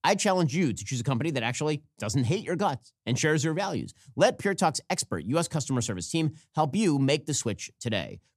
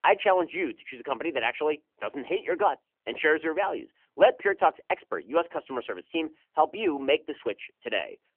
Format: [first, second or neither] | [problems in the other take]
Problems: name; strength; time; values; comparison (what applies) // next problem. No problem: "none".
first | phone-call audio; nothing above 3 kHz